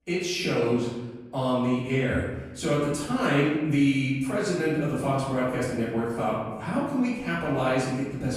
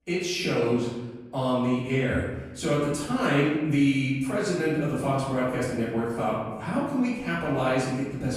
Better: neither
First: room echo; noticeable; dies away in 1.1 s // off-mic speech; far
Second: room echo; noticeable; dies away in 1.1 s // off-mic speech; far

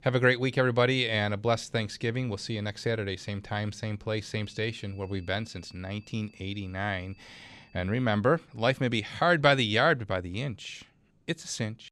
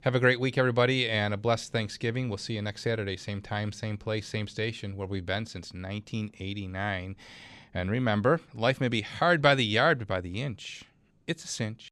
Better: second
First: high-pitched whine; faint; from 4.5 to 8 s; 2.5 kHz, 30 dB below the speech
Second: none

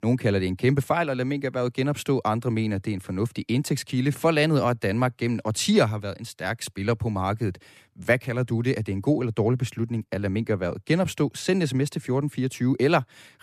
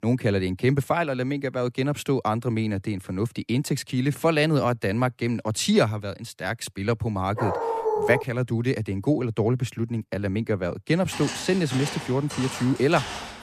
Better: first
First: none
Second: dog barking; loud; at 7.5 s; peak 1 dB above the speech // footsteps; noticeable; from 11 s on; peak 7 dB below the speech

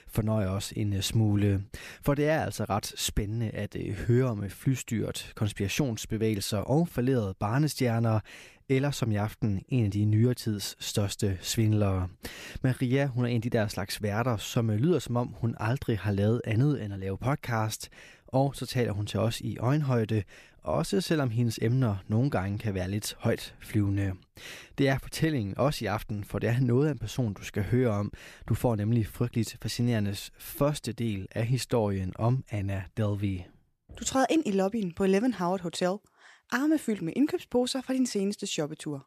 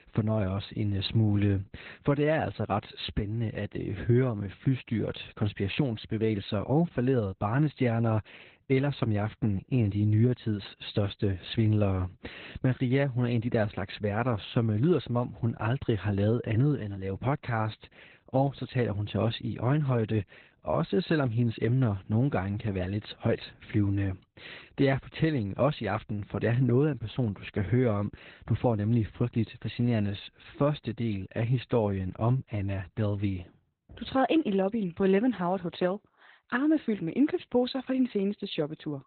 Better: first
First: none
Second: garbled, watery; badly; nothing above 4 kHz

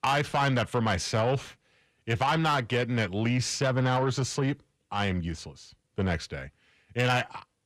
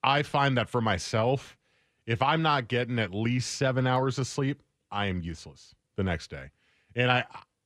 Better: second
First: distortion; slight; 10 dB below the speech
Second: none

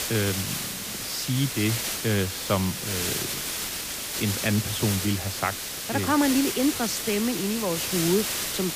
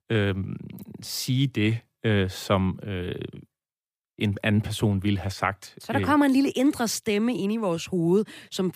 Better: second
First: hiss; loud; throughout; 1 dB below the speech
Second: none

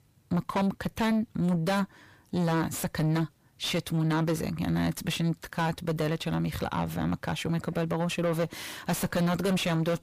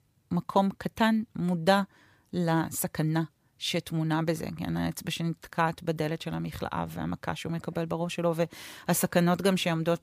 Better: second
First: distortion; heavy; 6 dB below the speech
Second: none

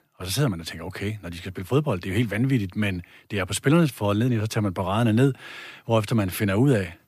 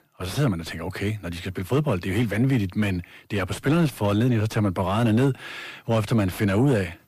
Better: first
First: none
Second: distortion; slight; 10 dB below the speech

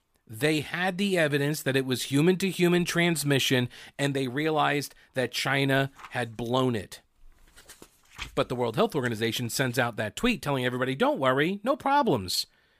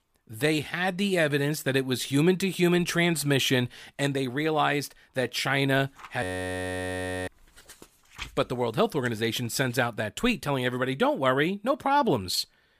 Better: first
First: none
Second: audio freezing; at 6 s for 1 s

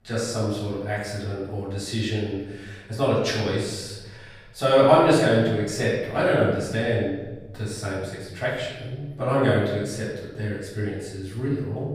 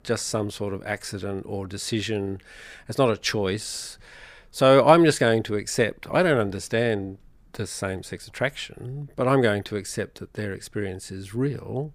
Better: second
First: off-mic speech; far // room echo; noticeable; dies away in 1.2 s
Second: none

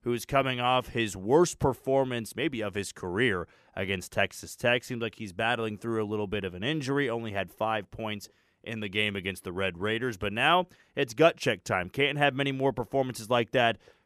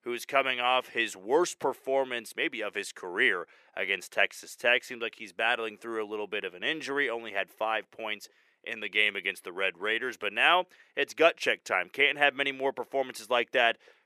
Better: first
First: none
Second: thin; somewhat; fading below 450 Hz

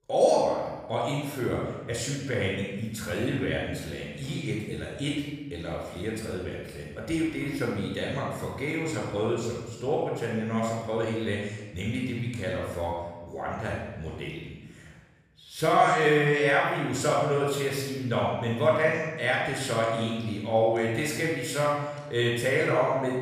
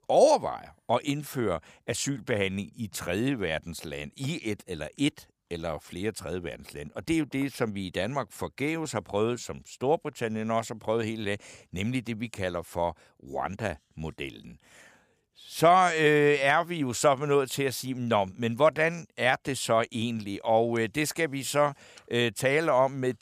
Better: second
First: off-mic speech; far // room echo; noticeable; dies away in 1.2 s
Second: none

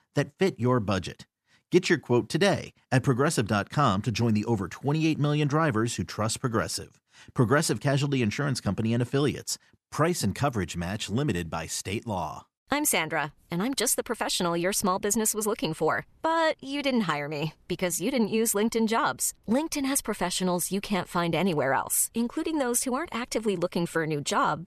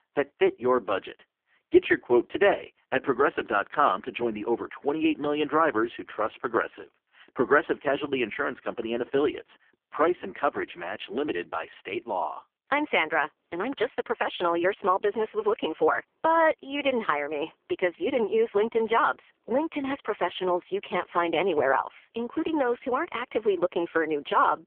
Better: first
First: none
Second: phone-call audio; poor line

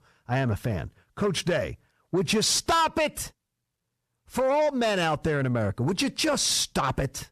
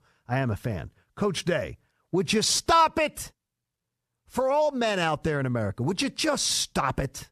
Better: second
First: distortion; slight; 10 dB below the speech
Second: none

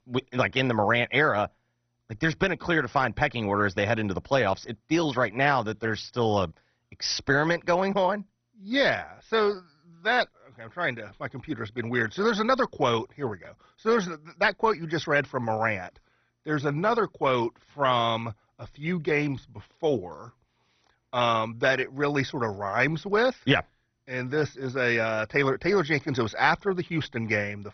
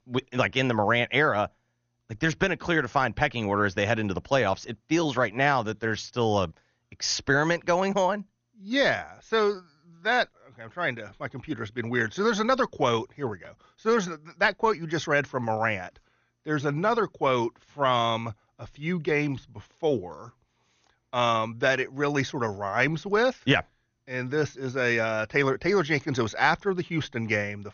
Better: second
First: garbled, watery; badly; nothing above 6 kHz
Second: garbled, watery; slightly; nothing above 6.5 kHz

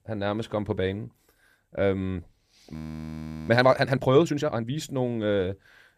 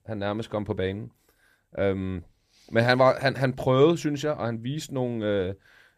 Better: second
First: audio freezing; at 2.5 s for 0.5 s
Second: none

